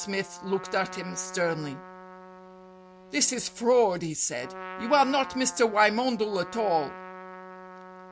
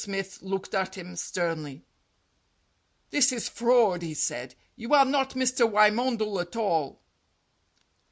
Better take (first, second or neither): second